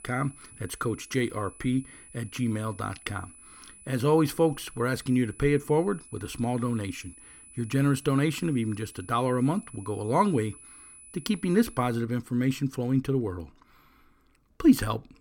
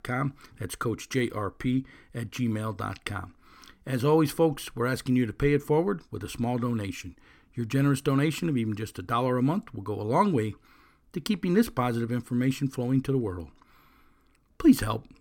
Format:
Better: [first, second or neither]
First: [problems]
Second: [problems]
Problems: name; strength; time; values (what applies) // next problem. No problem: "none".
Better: second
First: high-pitched whine; faint; until 12 s; 10 kHz, 20 dB below the speech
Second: none